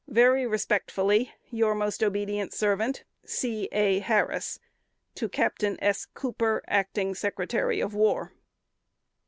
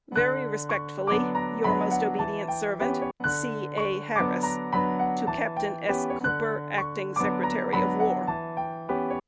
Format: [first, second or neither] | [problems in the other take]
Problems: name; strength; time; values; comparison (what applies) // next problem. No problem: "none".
first | background sound (Piano); 4 dB above the speech